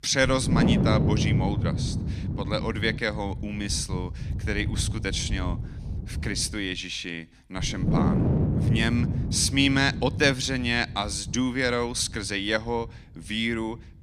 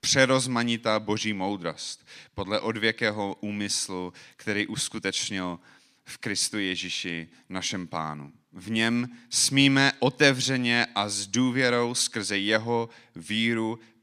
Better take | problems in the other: second | wind noise on the microphone; heavy; 9 dB below the speech

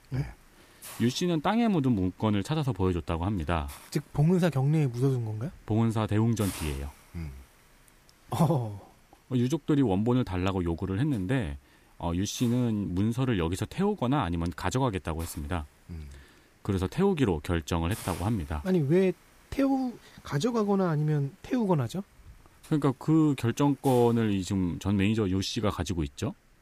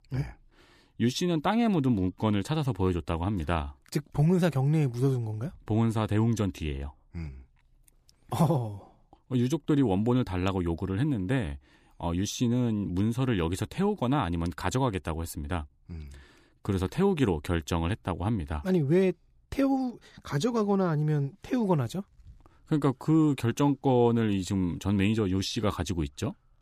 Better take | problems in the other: second | hiss; faint; throughout; 20 dB below the speech

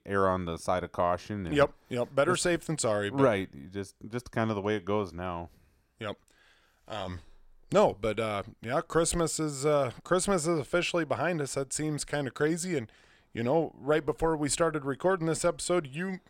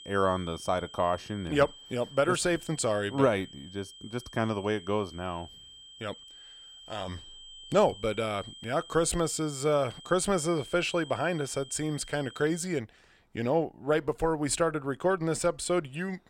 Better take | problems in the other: first | high-pitched whine; noticeable; until 13 s; 3 kHz, 15 dB below the speech

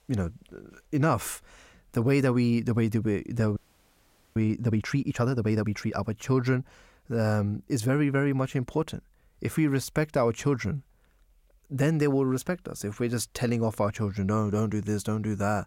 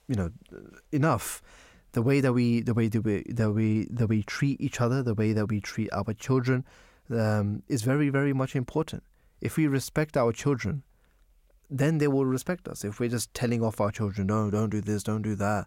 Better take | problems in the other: second | audio freezing; at 3.5 s for 1 s

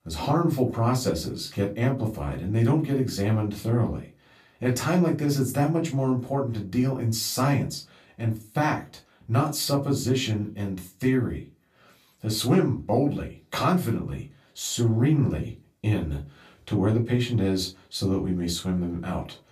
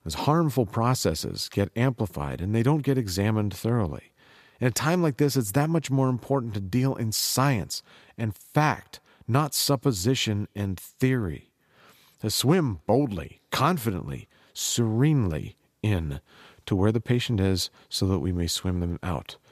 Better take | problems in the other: second | off-mic speech; far // room echo; very slight; dies away in 0.2 s

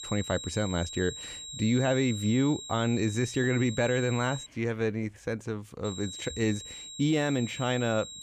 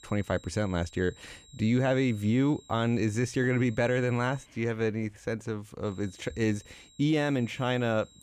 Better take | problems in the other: second | high-pitched whine; loud; until 4.5 s and from 6 s on; 4 kHz, 10 dB below the speech; faint in the second

